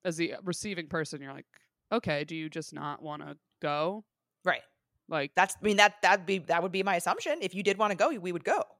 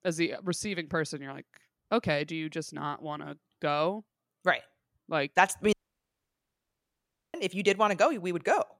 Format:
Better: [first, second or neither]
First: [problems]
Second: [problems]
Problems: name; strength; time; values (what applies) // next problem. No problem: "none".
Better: first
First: none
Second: audio cutting out; at 5.5 s for 1.5 s